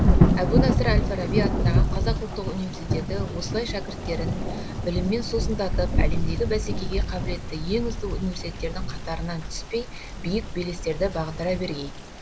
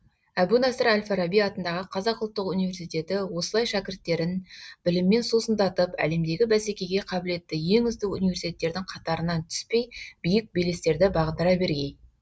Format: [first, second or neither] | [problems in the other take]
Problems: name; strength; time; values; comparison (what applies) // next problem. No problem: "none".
second | background sound (Thunder / Rain); 5 dB above the speech